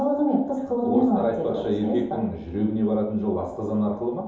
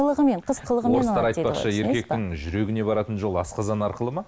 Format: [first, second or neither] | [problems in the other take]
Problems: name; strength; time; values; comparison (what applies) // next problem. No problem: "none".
second | room echo; dies away in 2.8 s